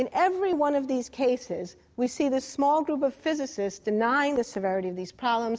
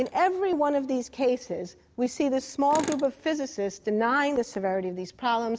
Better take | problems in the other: first | background sound (Tools); 19 dB below the speech

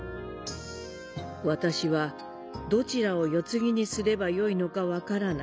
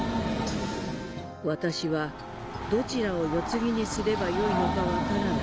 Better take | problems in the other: first | background sound (Train); 2 dB below the speech

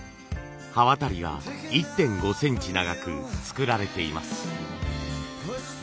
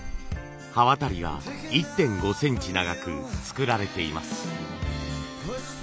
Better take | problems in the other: first | background sound (Chewing, mastication); 16 dB below the speech

